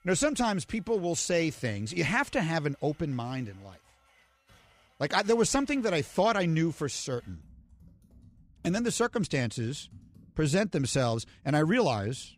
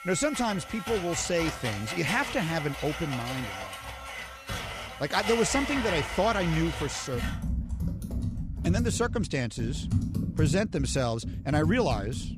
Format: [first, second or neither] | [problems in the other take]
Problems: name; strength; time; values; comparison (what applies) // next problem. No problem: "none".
first | household noises; loud; throughout; 5 dB below the speech; faint in the first